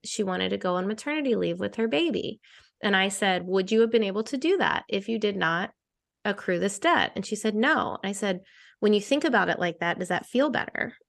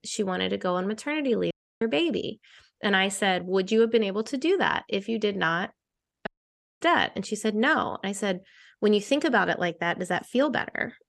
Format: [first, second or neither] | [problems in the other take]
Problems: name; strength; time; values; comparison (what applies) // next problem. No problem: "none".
first | audio cutting out; at 1.5 s and at 6.5 s for 0.5 s